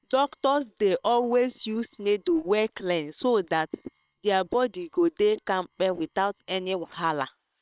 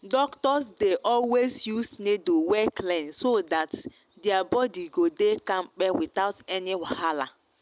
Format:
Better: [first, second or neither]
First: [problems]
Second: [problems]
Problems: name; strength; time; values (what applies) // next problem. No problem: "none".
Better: second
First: noise reduction (neural separator model SepFormer WHAM!)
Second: none